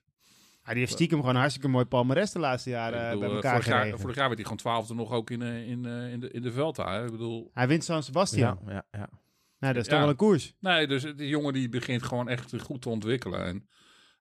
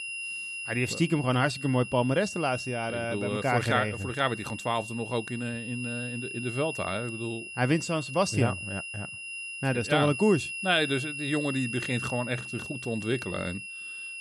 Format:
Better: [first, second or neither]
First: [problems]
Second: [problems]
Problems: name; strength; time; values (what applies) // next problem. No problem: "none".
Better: first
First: none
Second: high-pitched whine; loud; throughout; 2.5 kHz, 7 dB below the speech